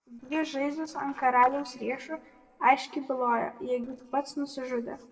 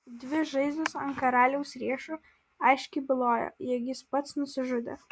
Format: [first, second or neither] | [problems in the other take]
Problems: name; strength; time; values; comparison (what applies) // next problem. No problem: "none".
second | noise reduction (neural separator model SepFormer DNS4)